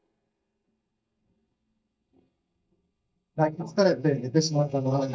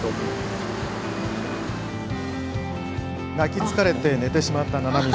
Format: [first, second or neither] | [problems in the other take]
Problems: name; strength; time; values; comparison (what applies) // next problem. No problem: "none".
second | noise reduction (neural mask model DeepFilterNet 3)